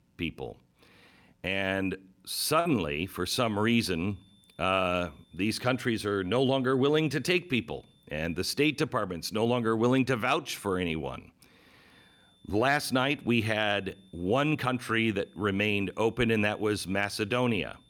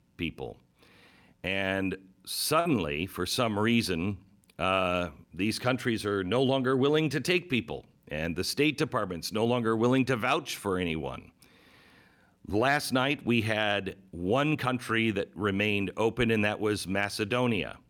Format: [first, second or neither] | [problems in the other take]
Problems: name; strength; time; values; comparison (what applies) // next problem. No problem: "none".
second | high-pitched whine; faint; from 2.5 to 9 s and from 12 s on; 3.5 kHz, 35 dB below the speech